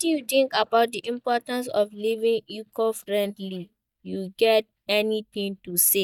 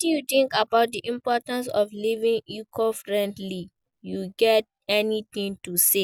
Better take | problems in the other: second | noise reduction (neural mask model DeepFilterNet 3)

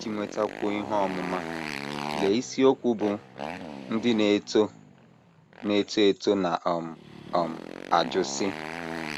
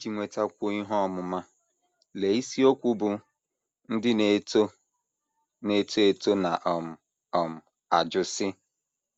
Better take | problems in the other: second | background sound (Motorcycle); 11 dB below the speech

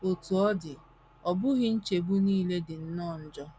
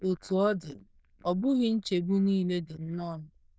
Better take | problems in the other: first | noise reduction (neural diffusion model UNIVERSE++)

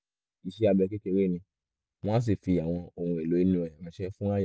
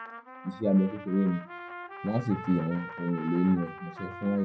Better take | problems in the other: first | background sound (Trumpet); 13 dB below the speech // room echo; dies away in 0.2 s

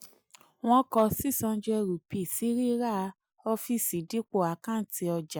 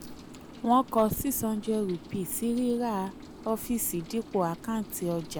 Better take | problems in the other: first | background sound (Rain); 15 dB below the speech

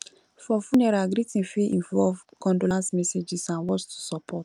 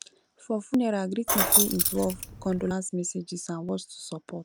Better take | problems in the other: first | background sound (Keys jangling); 4 dB above the speech

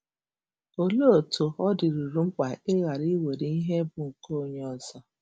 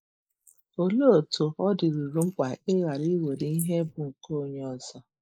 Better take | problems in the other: first | noise reduction (neural mask model Resemble Enhance denoiser)

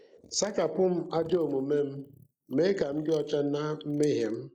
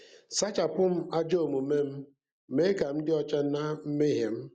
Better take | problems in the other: second | noise reduction (neural mask model Resemble Enhance denoiser)

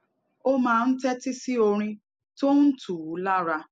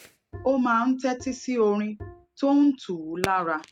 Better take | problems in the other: first | noise reduction (neural mask model RNNoise)

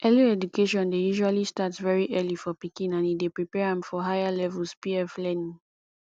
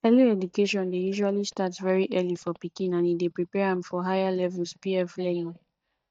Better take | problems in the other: first | noise reduction (neural mask model DeepFilterNet 3)

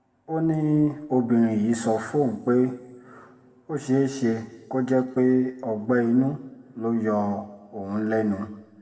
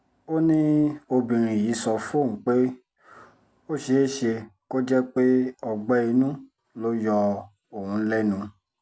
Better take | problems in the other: second | room echo; dies away in 1.5 s

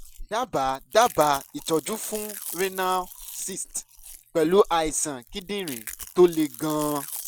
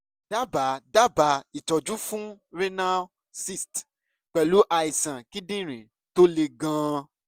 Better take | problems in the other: second | background sound (Chewing, mastication); 14 dB below the speech

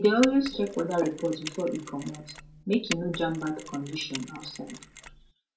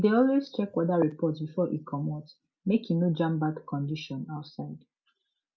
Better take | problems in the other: second | background sound (Mechanisms); 13 dB below the speech // room echo; dies away in 0.2 s

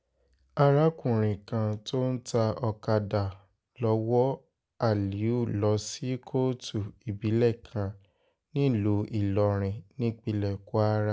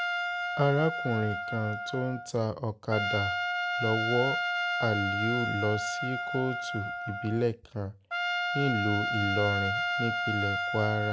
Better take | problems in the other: first | background sound (Trumpet); 1 dB below the speech

